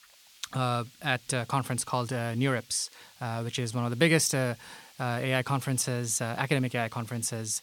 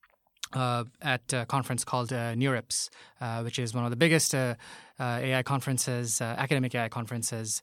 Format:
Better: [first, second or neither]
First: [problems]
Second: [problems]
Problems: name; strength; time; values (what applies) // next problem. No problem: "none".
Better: second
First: hiss; faint; throughout; 25 dB below the speech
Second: none